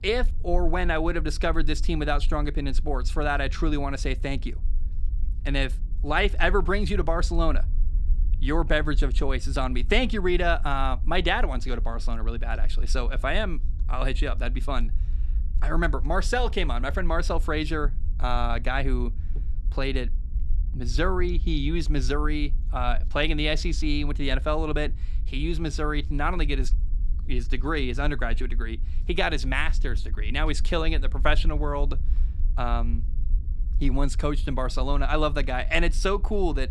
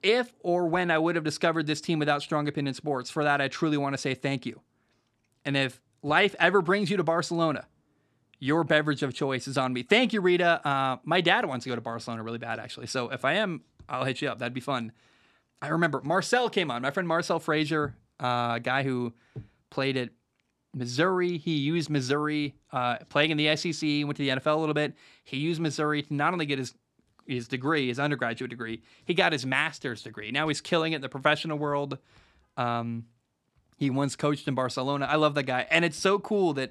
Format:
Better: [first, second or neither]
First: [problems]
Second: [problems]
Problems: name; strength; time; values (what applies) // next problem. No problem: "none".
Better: second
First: low rumble; faint; throughout; 25 dB below the speech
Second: none